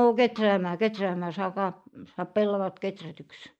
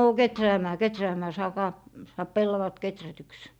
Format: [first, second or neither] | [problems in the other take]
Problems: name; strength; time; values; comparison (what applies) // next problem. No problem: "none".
second | noise reduction (neural mask model Resemble Enhance denoiser)